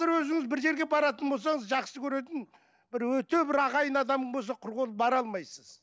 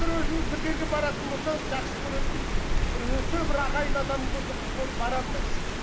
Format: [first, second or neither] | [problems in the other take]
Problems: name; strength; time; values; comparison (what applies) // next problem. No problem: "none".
first | background sound (Rain); 5 dB above the speech // room echo; dies away in 0.6 s